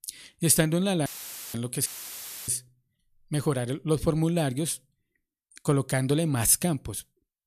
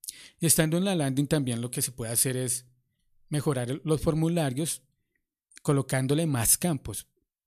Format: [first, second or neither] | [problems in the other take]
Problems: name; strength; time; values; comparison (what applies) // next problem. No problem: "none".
second | audio cutting out; filled with static; at 1 s and at 2 s for 0.5 s